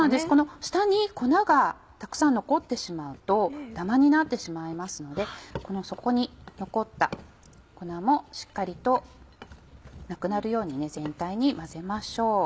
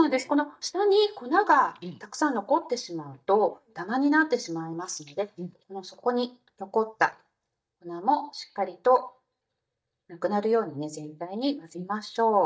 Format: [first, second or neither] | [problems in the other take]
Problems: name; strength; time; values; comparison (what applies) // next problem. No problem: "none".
first | noise reduction (neural mask model DeepFilterNet 3)